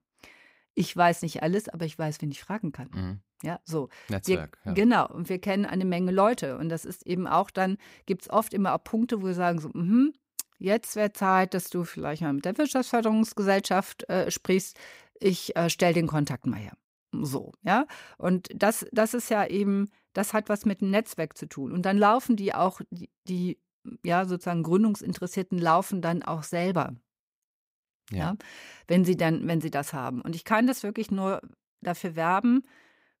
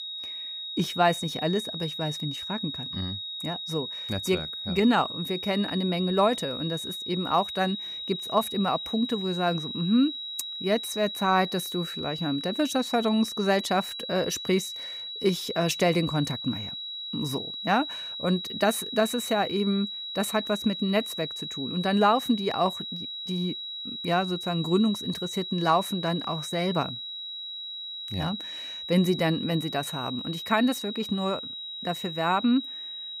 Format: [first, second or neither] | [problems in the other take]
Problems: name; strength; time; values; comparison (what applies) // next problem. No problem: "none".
first | high-pitched whine; loud; throughout; 4 kHz, 6 dB below the speech